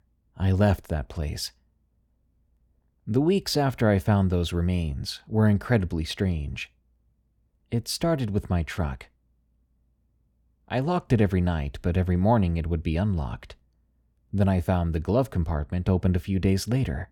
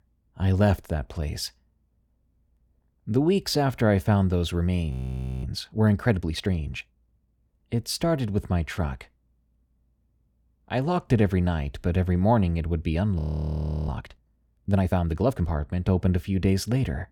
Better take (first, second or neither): first